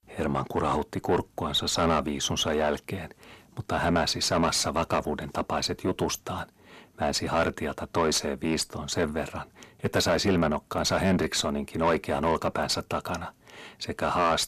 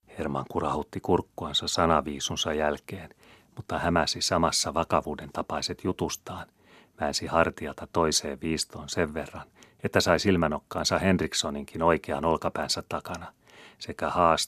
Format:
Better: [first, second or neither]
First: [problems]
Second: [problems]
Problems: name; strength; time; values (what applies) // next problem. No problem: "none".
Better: second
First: distortion; heavy; 7 dB below the speech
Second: none